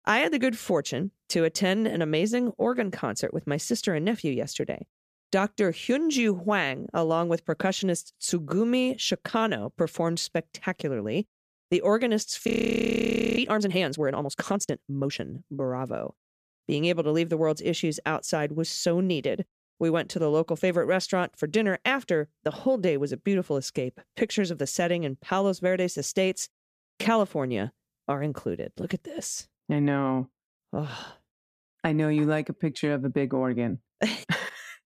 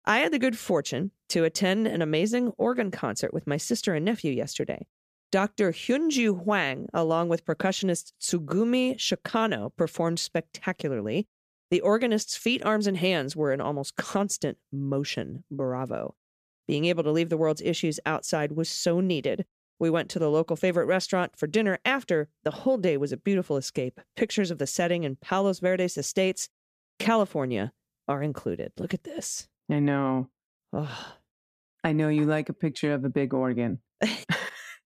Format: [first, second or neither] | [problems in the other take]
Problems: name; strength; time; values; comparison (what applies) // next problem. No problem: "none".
second | audio freezing; at 12 s for 1 s